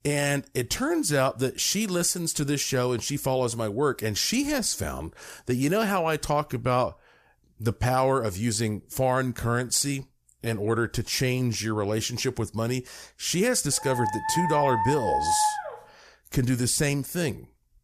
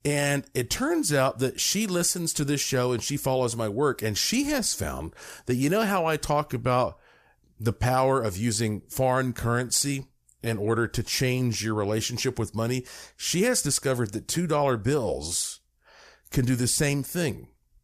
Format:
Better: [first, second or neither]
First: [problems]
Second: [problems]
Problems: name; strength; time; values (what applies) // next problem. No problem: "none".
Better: second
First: dog barking; loud; from 14 to 16 s; peak 2 dB above the speech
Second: none